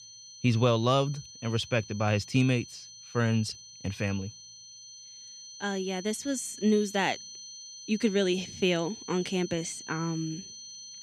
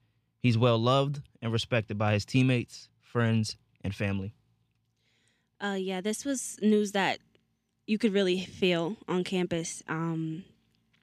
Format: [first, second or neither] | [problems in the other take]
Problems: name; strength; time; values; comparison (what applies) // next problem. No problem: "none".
second | high-pitched whine; noticeable; throughout; 6 kHz, 15 dB below the speech